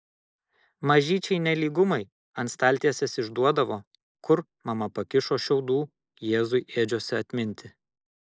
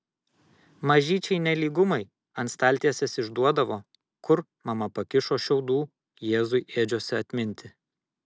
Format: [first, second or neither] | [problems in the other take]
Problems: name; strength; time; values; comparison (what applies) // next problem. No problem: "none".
second | noise reduction (neural mask model Resemble Enhance denoiser)